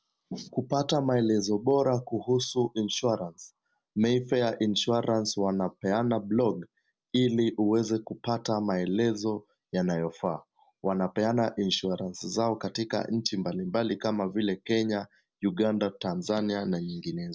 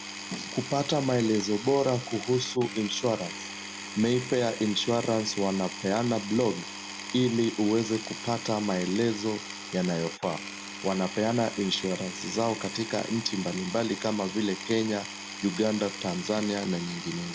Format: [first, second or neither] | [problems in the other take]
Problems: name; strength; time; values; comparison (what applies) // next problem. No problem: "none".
first | background sound (Power tool); 10 dB below the speech